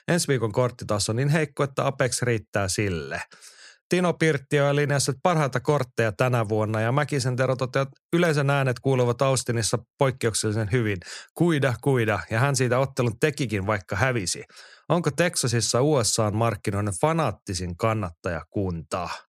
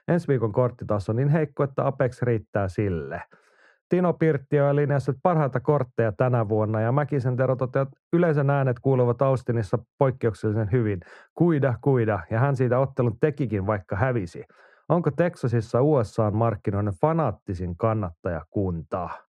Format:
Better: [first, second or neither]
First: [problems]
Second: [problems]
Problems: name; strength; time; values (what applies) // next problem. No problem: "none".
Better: first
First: none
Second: muffled; very; fading above 2.5 kHz